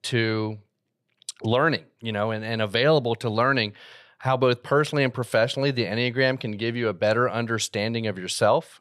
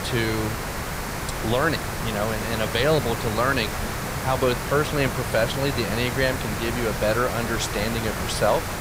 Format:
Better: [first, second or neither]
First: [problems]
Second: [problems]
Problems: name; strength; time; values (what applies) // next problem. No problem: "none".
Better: first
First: none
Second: hiss; loud; throughout; 3 dB below the speech